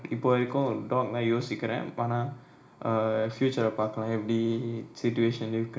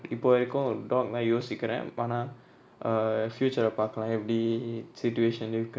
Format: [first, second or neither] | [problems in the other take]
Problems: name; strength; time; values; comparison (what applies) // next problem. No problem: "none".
second | room echo; dies away in 0.4 s